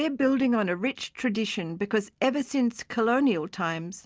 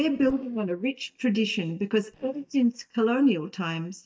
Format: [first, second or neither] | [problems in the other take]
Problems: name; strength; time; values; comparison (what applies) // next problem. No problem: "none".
first | noise reduction (neural mask model DeepFilterNet 3)